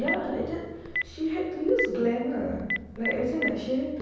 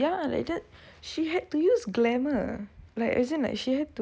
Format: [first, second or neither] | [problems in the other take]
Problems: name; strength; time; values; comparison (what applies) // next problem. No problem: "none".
second | background sound (Telephone); 7 dB below the speech // room echo; dies away in 1.1 s